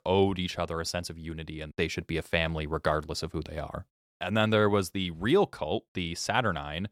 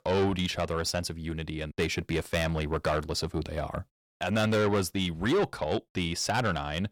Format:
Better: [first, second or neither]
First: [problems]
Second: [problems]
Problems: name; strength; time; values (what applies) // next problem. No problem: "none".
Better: first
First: none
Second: distortion; heavy; 8 dB below the speech